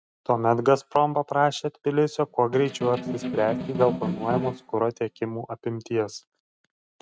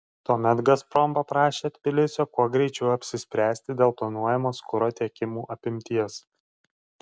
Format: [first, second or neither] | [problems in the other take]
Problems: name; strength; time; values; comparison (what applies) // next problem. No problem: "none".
second | noise reduction (neural mask model RNNoise)